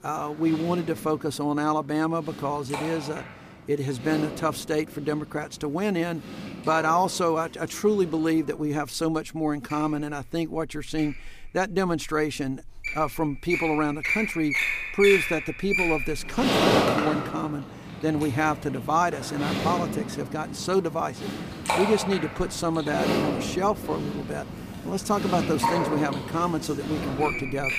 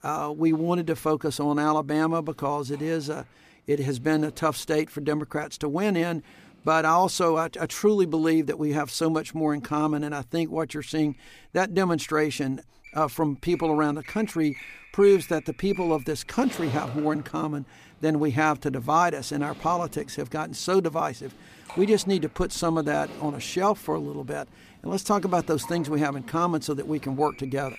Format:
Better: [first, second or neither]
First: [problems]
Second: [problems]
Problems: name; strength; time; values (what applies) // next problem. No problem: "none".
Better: second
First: animal sounds; loud; throughout; 2 dB below the speech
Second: animal sounds; faint; throughout; 20 dB below the speech